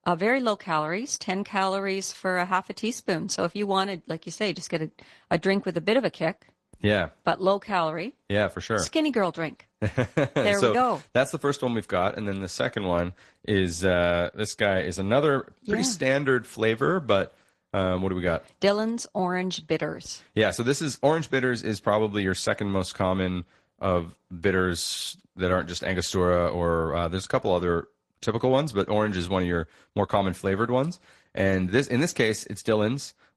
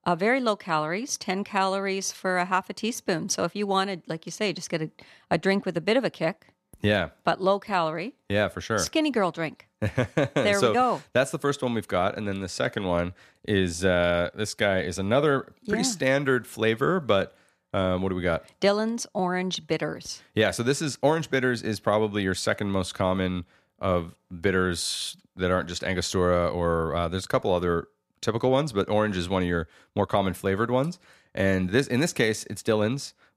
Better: second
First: garbled, watery; slightly; nothing above 12 kHz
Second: none

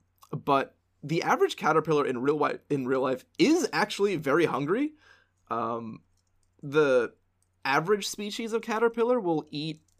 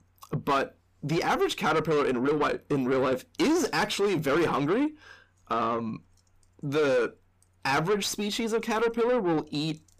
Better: first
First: none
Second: distortion; heavy; 7 dB below the speech

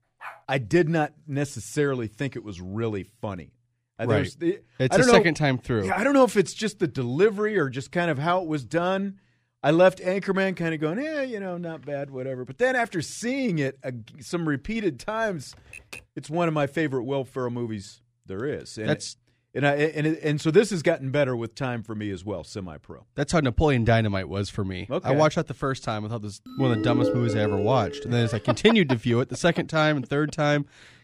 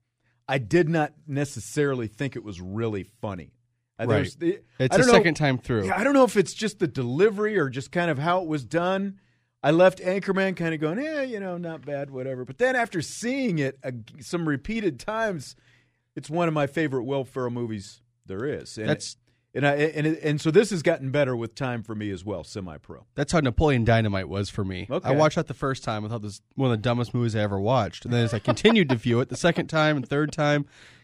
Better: second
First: dog barking; faint; at the start; peak 15 dB below the speech // keyboard typing; faint; at 16 s; peak 15 dB below the speech // phone ringing; noticeable; from 27 to 28 s; peak level with the speech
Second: none

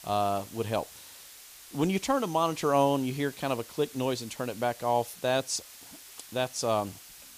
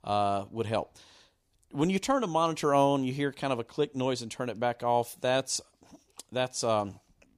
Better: second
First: hiss; noticeable; throughout; 15 dB below the speech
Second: none

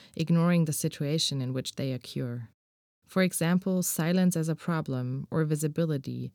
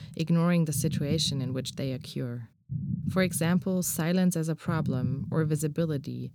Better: first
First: none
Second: low rumble; noticeable; throughout; 15 dB below the speech

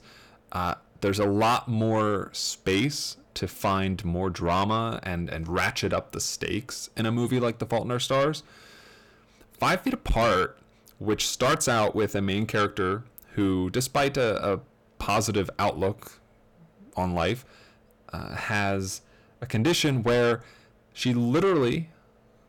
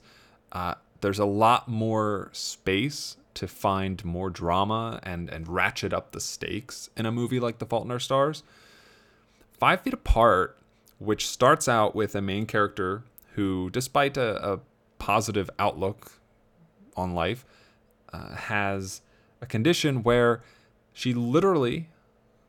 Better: second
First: distortion; heavy; 8 dB below the speech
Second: none

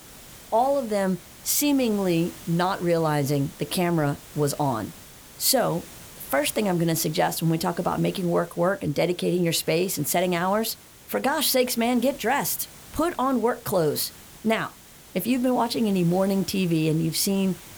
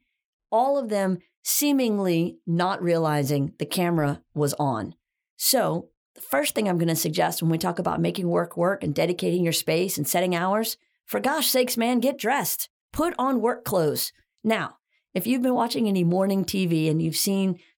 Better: second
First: hiss; noticeable; throughout; 20 dB below the speech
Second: none

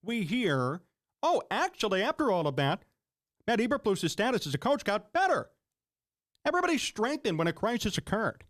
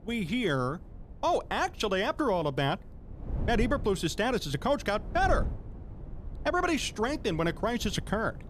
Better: first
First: none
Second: wind noise on the microphone; occasional gusts; 20 dB below the speech

